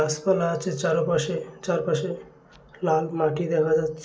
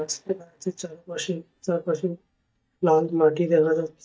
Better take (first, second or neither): first